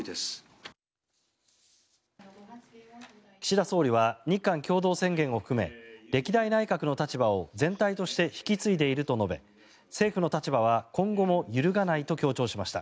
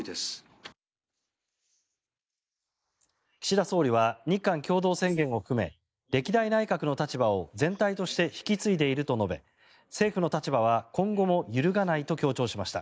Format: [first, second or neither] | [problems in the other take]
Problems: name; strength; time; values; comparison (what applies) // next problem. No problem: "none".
first | noise reduction (neural mask model Resemble Enhance denoiser)